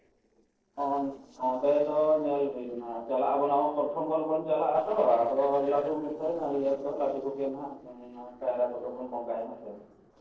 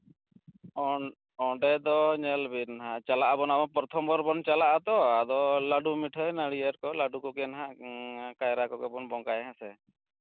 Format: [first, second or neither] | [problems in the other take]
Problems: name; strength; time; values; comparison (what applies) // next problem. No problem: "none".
second | noise reduction (neural separator model SepFormer DNS4)